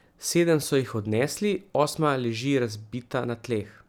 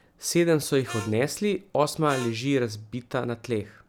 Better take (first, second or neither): first